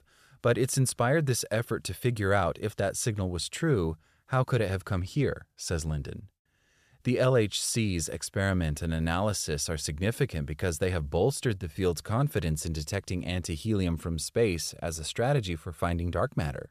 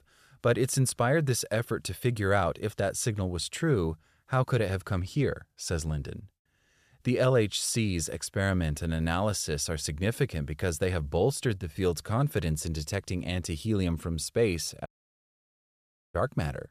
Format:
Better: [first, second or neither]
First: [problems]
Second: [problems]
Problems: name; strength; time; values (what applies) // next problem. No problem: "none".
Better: first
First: none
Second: audio cutting out; at 15 s for 1.5 s